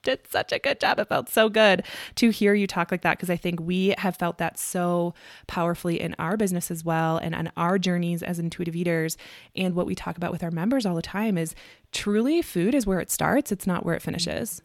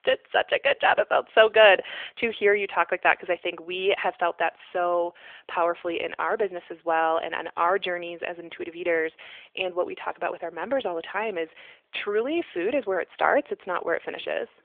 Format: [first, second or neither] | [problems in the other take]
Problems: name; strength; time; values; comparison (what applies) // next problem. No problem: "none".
first | phone-call audio